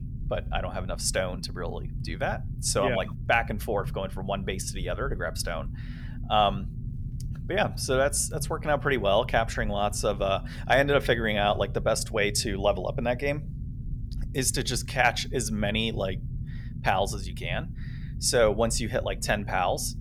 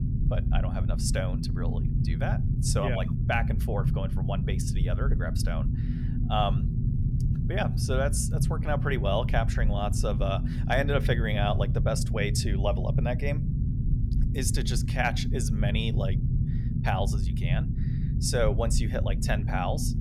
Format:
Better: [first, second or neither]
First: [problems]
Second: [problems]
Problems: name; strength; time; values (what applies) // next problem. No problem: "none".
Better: first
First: low rumble; faint; throughout; 20 dB below the speech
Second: low rumble; loud; throughout; 9 dB below the speech